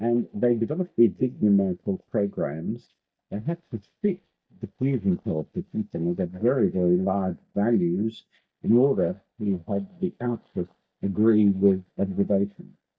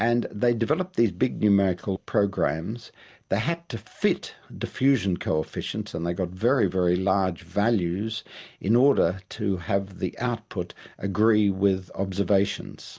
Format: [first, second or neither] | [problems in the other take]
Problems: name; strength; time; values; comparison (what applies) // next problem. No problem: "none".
second | noise reduction (neural mask model DeepFilterNet 3)